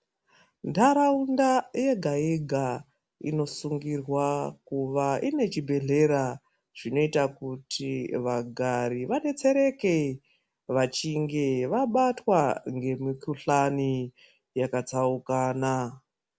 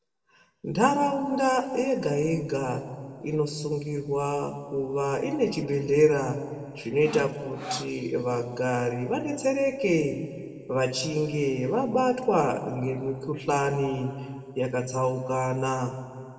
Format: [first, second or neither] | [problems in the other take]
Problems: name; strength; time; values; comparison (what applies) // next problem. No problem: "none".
first | noise reduction (neural separator model SepFormer DNS4)